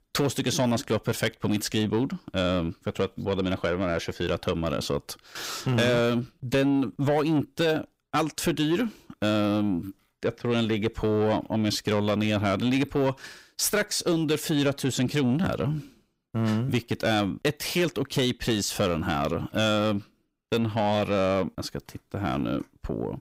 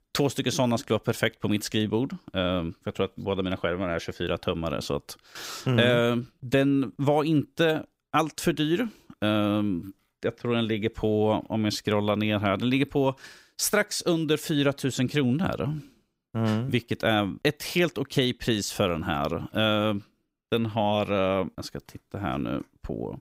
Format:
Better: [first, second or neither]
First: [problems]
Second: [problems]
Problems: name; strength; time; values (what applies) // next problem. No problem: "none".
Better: second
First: distortion; slight; 10 dB below the speech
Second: none